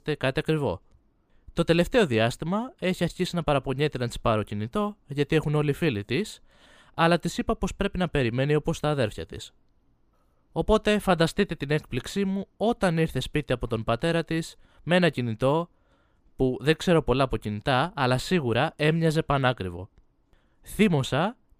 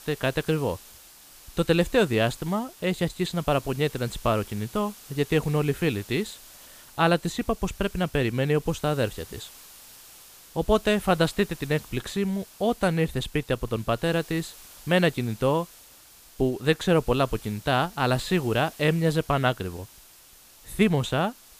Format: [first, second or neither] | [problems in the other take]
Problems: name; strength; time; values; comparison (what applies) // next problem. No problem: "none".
first | hiss; faint; throughout; 20 dB below the speech